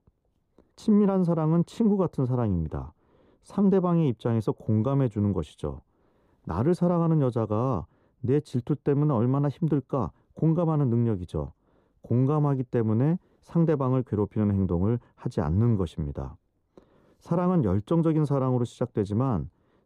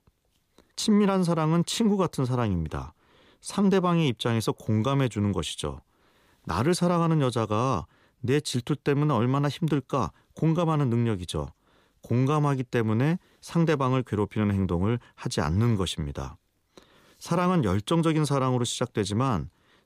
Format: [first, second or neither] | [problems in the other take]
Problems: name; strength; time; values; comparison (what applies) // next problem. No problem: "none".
second | muffled; very; fading above 1.5 kHz